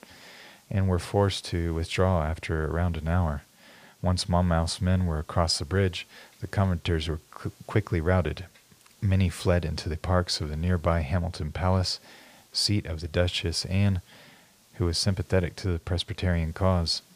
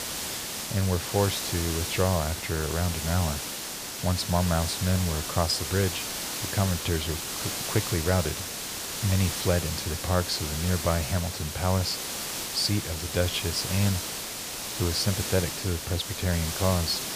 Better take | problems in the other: first | hiss; loud; throughout; 3 dB below the speech; faint in the first

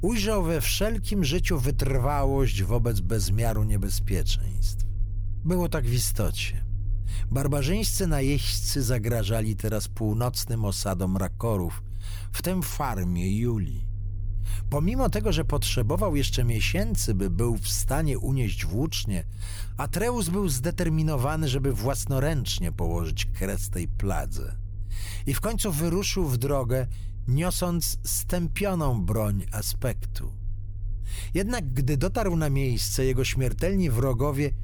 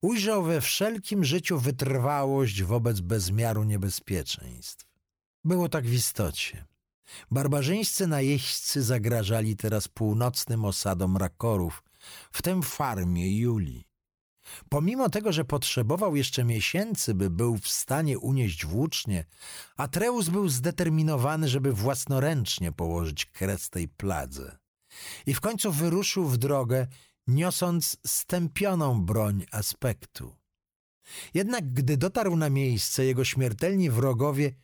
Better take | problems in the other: second | low rumble; faint; throughout; 20 dB below the speech

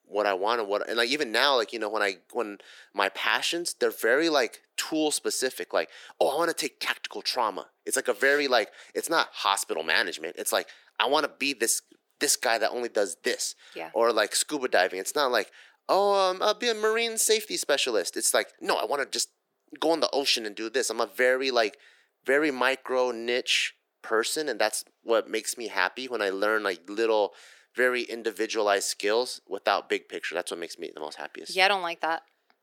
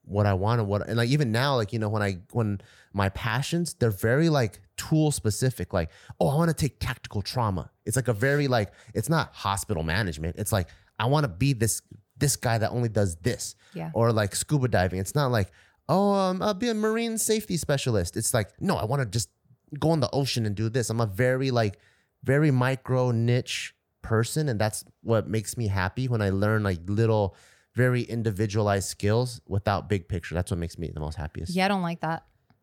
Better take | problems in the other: second | thin; very; fading below 300 Hz

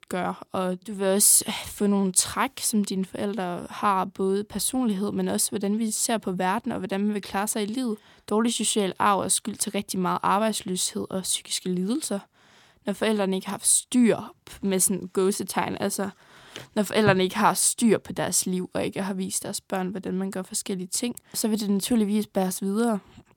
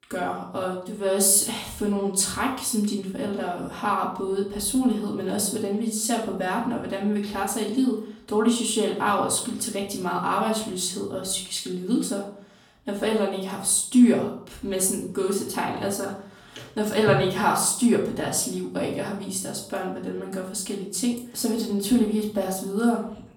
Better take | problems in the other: first | off-mic speech; far // room echo; noticeable; dies away in 0.5 s

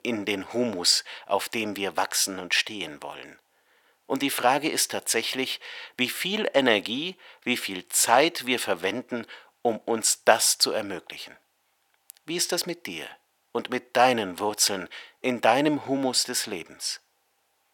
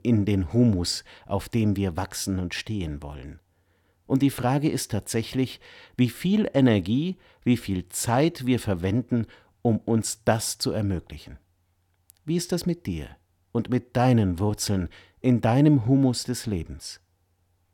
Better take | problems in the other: second | thin; very; fading below 600 Hz

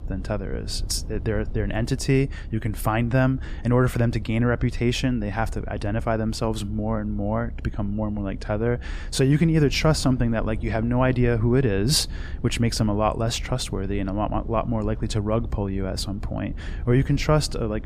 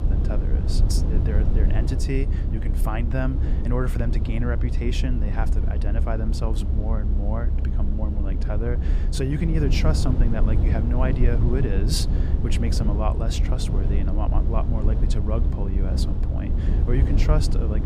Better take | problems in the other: first | low rumble; loud; throughout; 5 dB below the speech; faint in the first

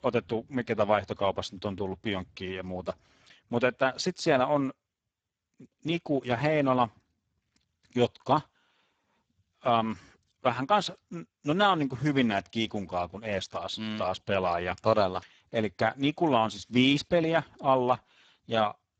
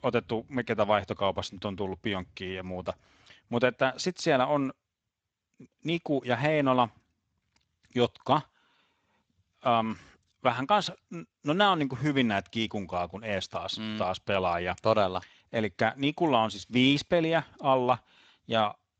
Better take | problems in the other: second | garbled, watery; badly; nothing above 7.5 kHz; slightly in the second

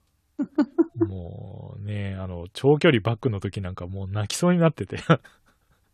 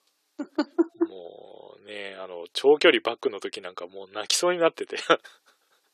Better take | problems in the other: first | thin; very; fading below 350 Hz

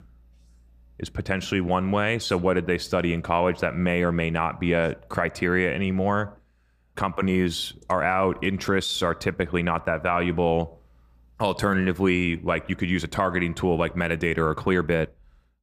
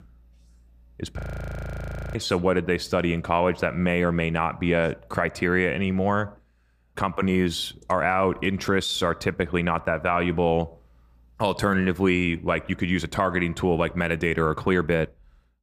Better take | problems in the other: first | audio freezing; at 1 s for 1 s

